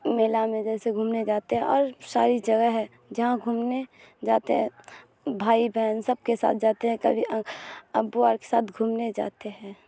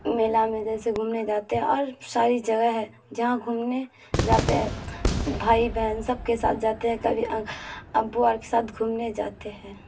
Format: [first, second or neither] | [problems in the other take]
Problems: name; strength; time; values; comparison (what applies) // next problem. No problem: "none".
first | background sound (Cheering / Fireworks); 8 dB below the speech // room echo; dies away in 0.2 s